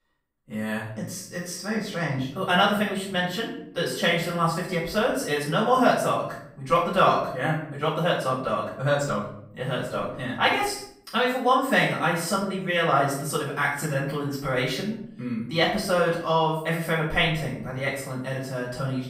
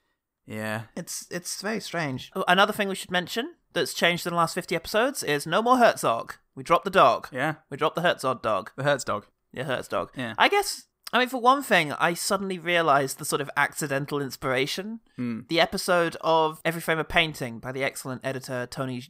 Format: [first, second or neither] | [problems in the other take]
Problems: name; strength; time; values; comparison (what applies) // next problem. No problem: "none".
second | off-mic speech; far // room echo; noticeable; dies away in 0.7 s